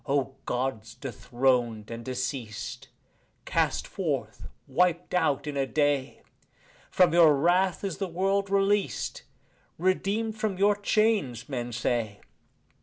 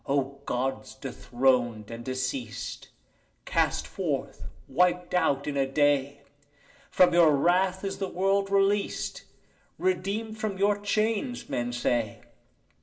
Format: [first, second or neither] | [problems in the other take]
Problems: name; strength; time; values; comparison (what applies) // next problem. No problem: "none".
first | room echo; dies away in 0.5 s